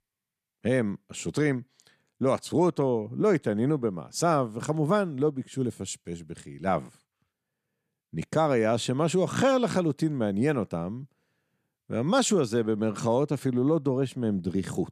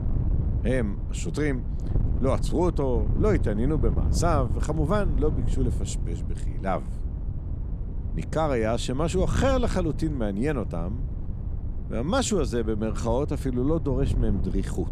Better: first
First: none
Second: wind noise on the microphone; occasional gusts; 15 dB below the speech

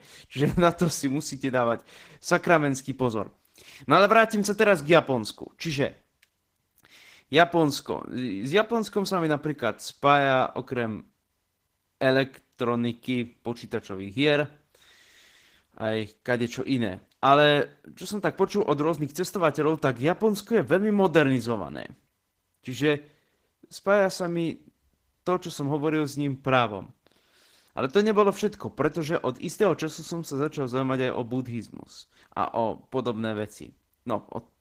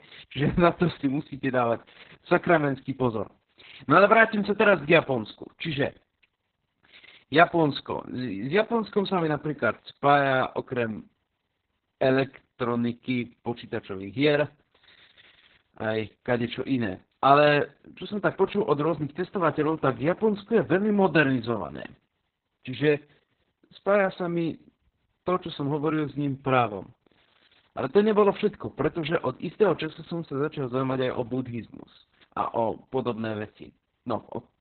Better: first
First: garbled, watery; slightly; nothing above 15.5 kHz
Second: garbled, watery; badly; nothing above 4 kHz

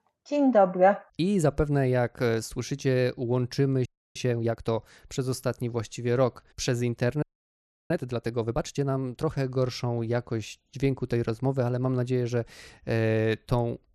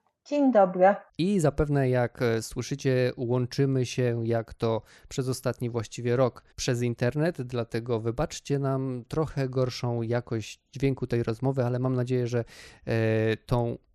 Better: second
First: audio freezing; at 4 s and at 7 s for 0.5 s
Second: none

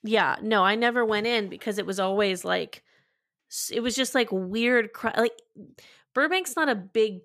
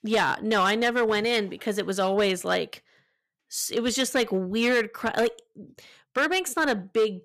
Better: first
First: none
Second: distortion; slight; 6% of the sound clipped

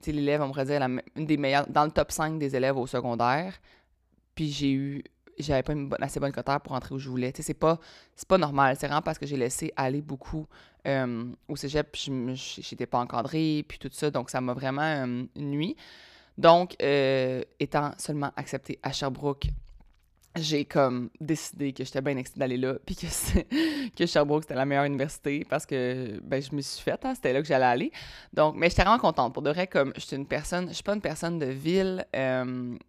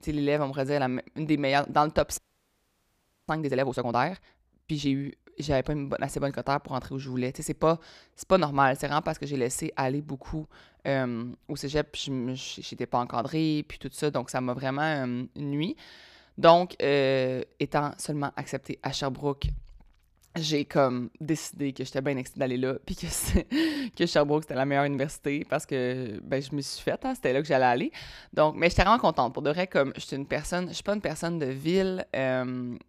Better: first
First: none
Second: audio freezing; at 2 s for 1 s

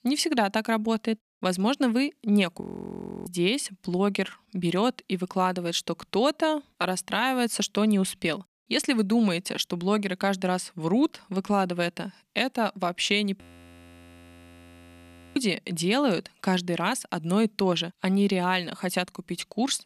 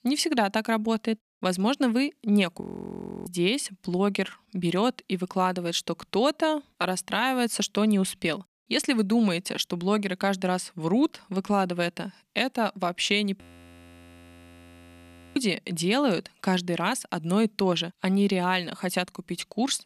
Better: neither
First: audio freezing; at 2.5 s for 0.5 s and at 13 s for 2 s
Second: audio freezing; at 2.5 s for 0.5 s and at 13 s for 2 s

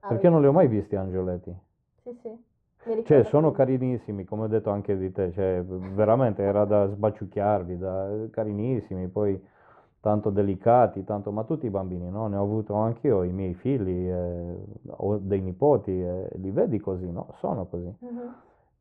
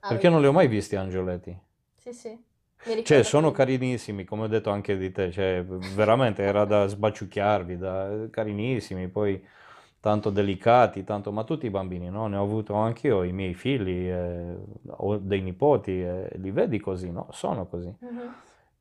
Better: second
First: muffled; very; fading above 2 kHz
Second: none

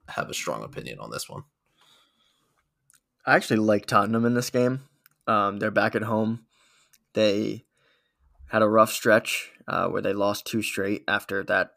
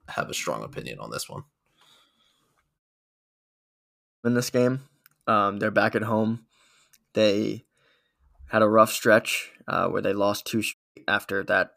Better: first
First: none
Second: audio cutting out; at 3 s for 1.5 s and at 11 s

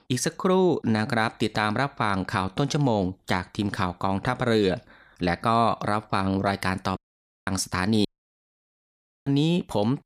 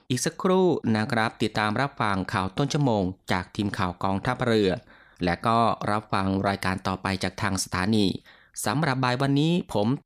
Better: second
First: audio cutting out; at 7 s for 0.5 s and at 8 s for 1 s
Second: none

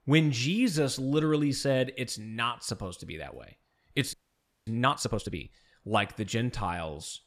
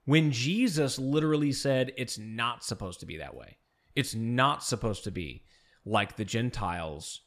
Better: second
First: audio freezing; at 4 s for 0.5 s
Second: none

